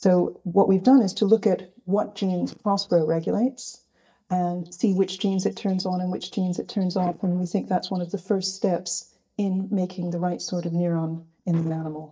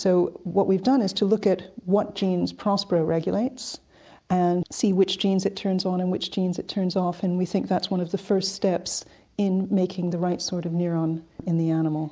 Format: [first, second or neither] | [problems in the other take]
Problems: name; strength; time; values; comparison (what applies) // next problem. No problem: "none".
second | noise reduction (neural mask model DeepFilterNet 3)